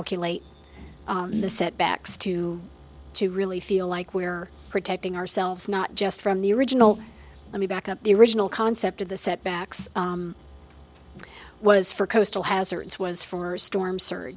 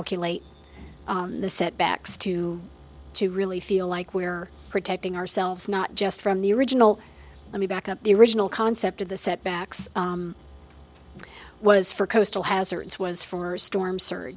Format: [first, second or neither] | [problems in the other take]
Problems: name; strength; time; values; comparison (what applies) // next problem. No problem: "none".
second | background sound (Snare drum); 12 dB below the speech